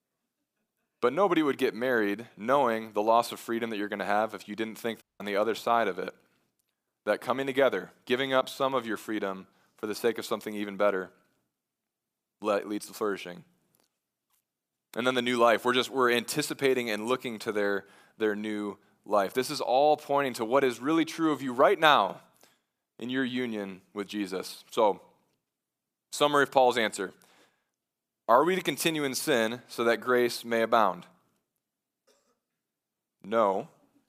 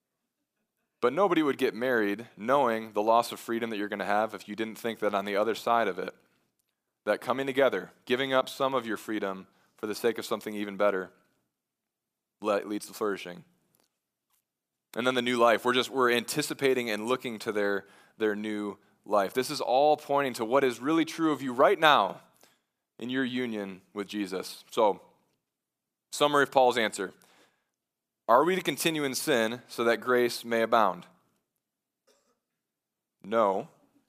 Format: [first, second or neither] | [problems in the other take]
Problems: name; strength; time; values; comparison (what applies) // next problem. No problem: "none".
second | audio cutting out; at 5 s